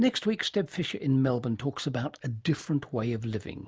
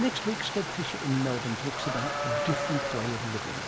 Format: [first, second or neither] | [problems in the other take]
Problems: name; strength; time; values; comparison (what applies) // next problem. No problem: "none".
first | background sound (Stream + Livestock, farm animals, working animals); 1 dB below the speech